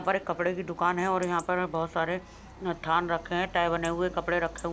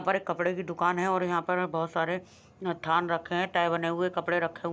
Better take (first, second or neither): second